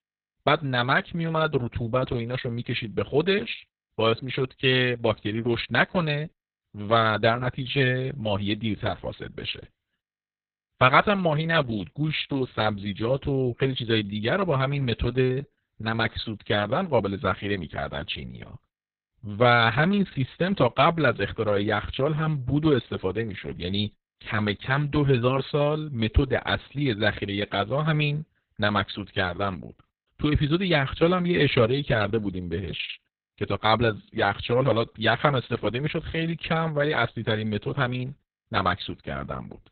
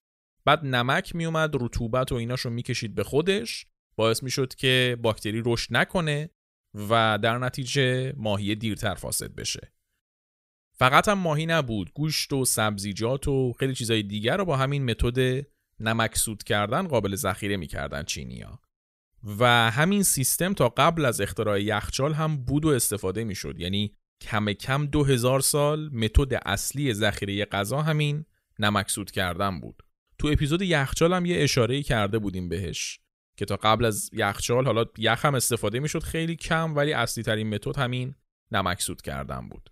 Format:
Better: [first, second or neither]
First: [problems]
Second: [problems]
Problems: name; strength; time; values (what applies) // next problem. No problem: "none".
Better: second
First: garbled, watery; badly; nothing above 4 kHz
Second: none